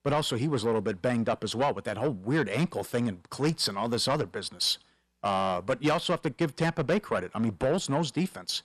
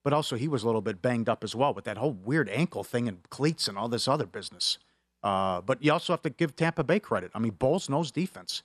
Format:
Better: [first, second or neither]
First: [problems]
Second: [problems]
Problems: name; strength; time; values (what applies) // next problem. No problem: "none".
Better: second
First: distortion; slight; 10 dB below the speech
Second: none